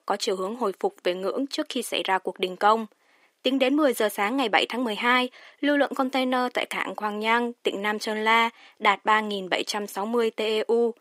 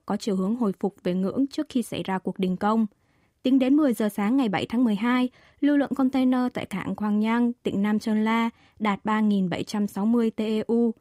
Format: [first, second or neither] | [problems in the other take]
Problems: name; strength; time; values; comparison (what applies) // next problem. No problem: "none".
second | thin; somewhat; fading below 400 Hz